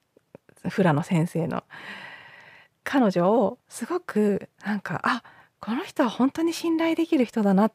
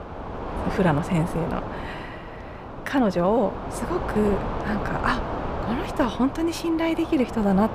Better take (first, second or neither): first